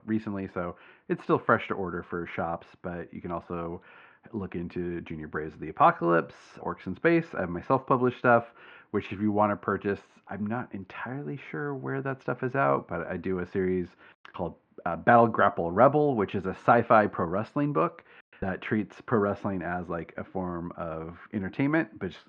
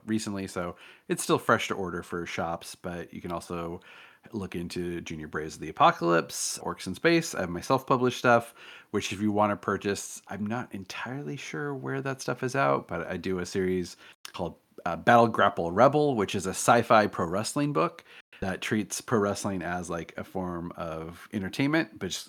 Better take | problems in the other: second | muffled; very; fading above 2 kHz

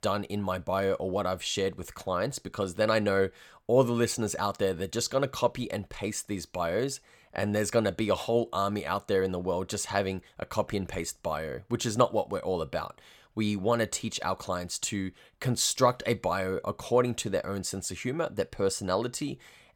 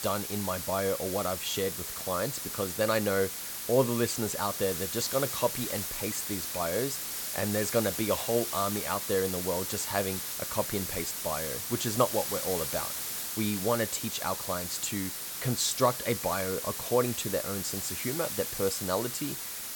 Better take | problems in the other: first | hiss; loud; throughout; 2 dB below the speech

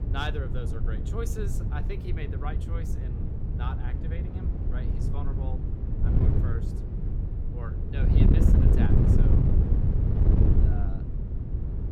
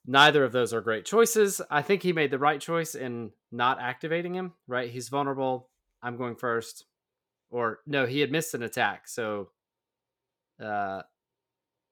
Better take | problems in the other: second | wind noise on the microphone; heavy; 3 dB above the speech

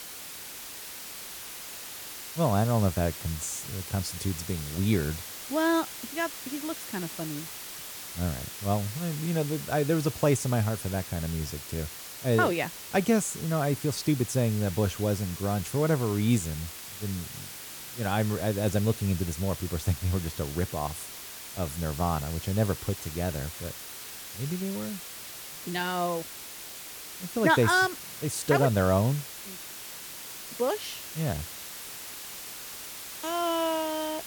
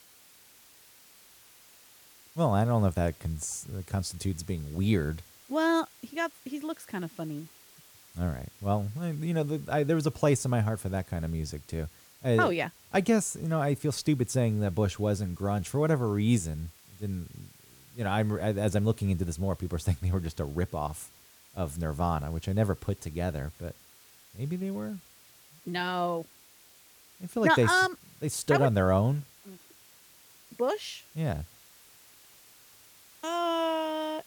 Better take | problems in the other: second | hiss; loud; throughout; 9 dB below the speech; faint in the second

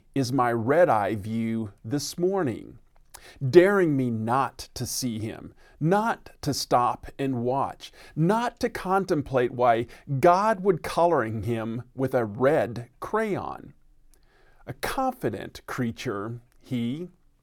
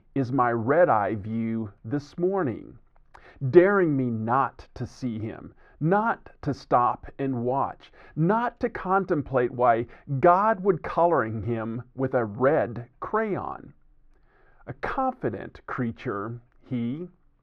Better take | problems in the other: first | muffled; very; fading above 2 kHz

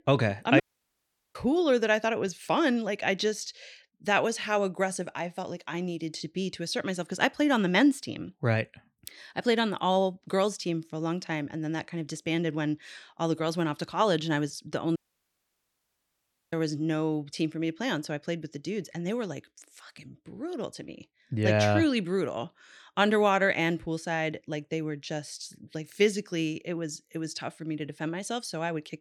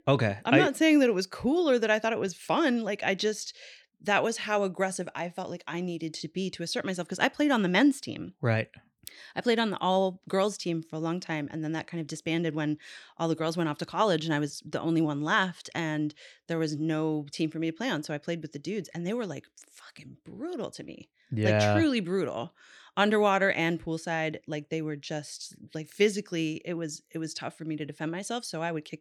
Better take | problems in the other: second | audio cutting out; at 0.5 s for 1 s and at 15 s for 1.5 s

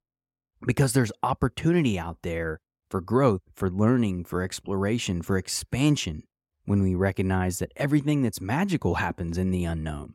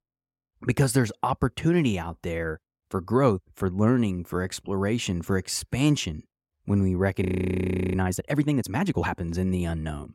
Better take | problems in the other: first | audio freezing; at 7 s for 0.5 s

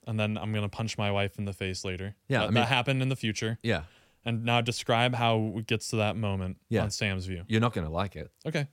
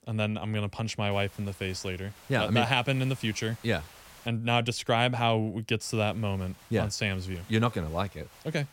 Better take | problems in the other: first | hiss; faint; from 1 to 4.5 s and from 6 s on; 25 dB below the speech

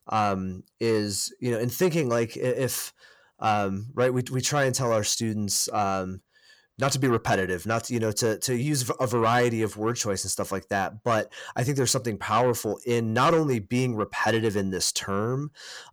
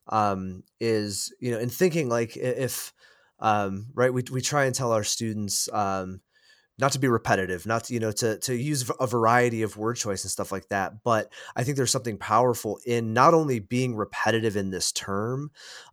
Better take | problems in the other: second | distortion; slight; 10 dB below the speech

